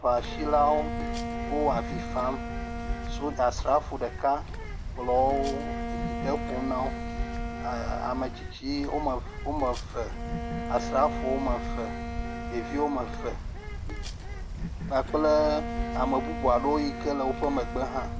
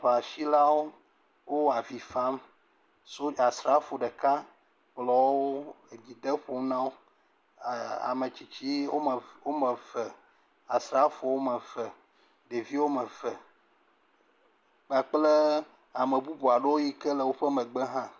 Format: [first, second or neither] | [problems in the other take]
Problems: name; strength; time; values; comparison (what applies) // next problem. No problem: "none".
second | background sound (Bird + Bowed string instrument); 3 dB below the speech